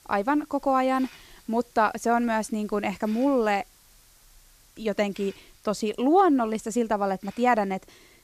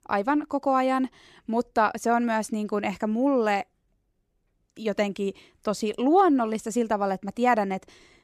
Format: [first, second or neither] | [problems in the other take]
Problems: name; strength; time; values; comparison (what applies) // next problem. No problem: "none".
second | hiss; faint; throughout; 25 dB below the speech